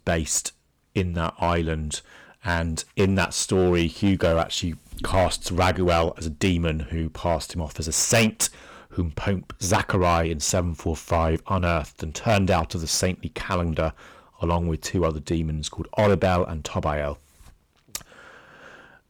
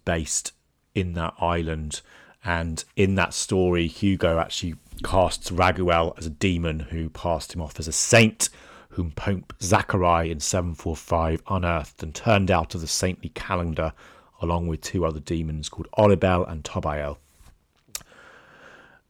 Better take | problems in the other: second | distortion; slight; 6% of the sound clipped

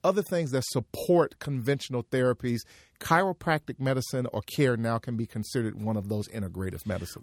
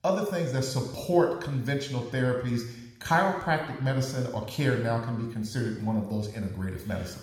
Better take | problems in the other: first | room echo; noticeable; dies away in 0.9 s // off-mic speech; somewhat distant

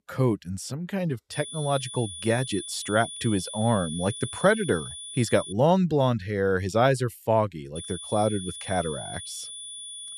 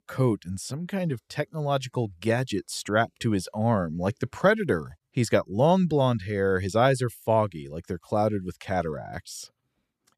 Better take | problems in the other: second | high-pitched whine; loud; from 1.5 to 5.5 s and from 8 s on; 3.5 kHz, 10 dB below the speech

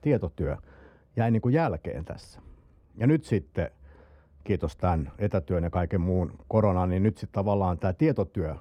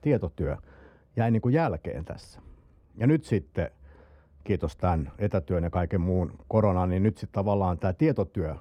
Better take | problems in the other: neither | muffled; very; fading above 2 kHz; the same in both

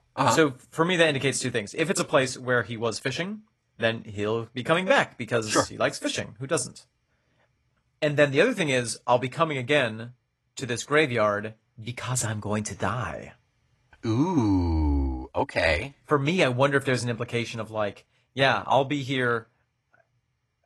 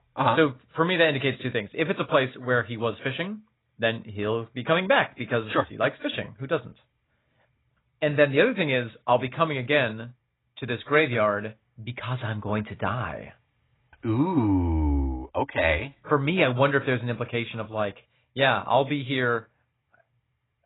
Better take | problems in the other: first | garbled, watery; badly; nothing above 4 kHz; slightly in the first

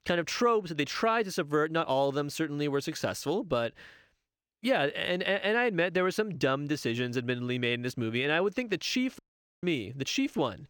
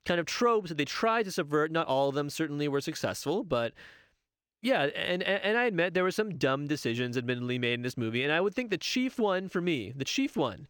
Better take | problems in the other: second | audio cutting out; at 9 s

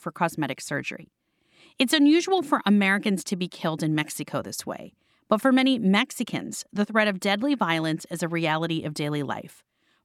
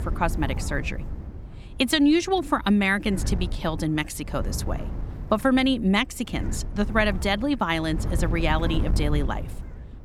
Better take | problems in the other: first | wind noise on the microphone; occasional gusts; 15 dB below the speech

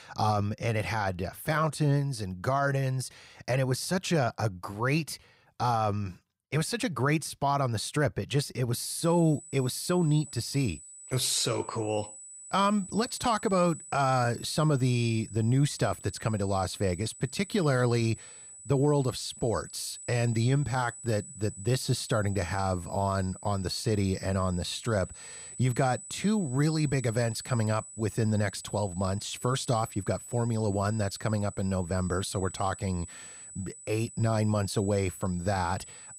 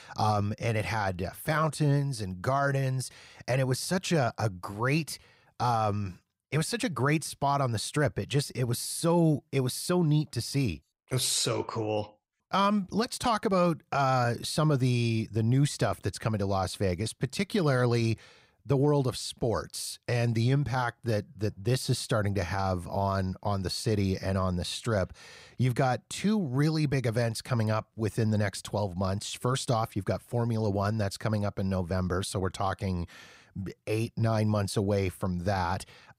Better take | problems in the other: second | high-pitched whine; noticeable; from 9 s on; 8 kHz, 15 dB below the speech

